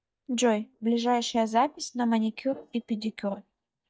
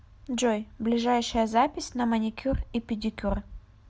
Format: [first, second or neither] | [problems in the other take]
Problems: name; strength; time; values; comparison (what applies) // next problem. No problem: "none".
second | noise reduction (neural mask model DeepFilterNet 3)